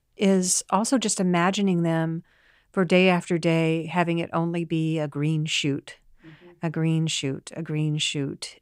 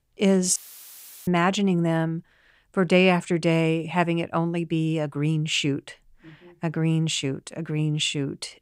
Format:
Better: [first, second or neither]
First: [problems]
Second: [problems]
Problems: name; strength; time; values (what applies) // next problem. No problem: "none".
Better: first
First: none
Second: audio cutting out; filled with static; at 0.5 s for 0.5 s